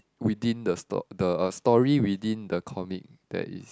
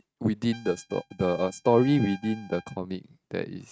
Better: first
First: none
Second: noise reduction (neural mask model RNNoise)

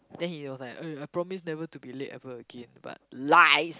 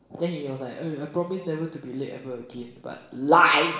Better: first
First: none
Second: room echo; dies away in 0.9 s

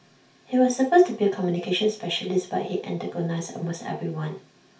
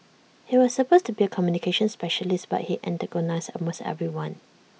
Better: second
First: room echo; dies away in 0.3 s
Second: none

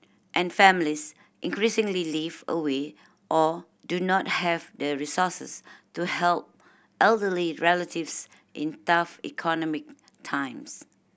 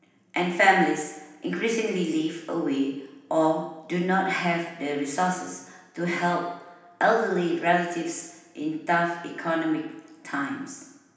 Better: first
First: none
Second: room echo; dies away in 0.9 s

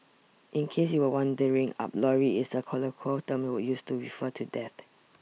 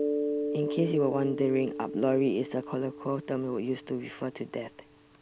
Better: first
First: none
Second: background sound (Mallet percussion); 5 dB below the speech

